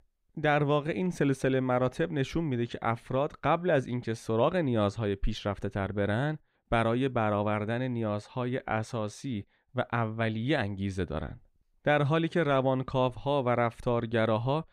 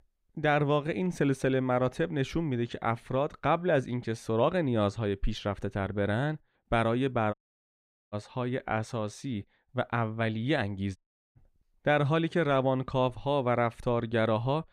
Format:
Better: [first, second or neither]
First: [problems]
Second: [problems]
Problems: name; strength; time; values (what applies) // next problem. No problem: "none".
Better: first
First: none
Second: audio cutting out; at 7.5 s for 1 s and at 11 s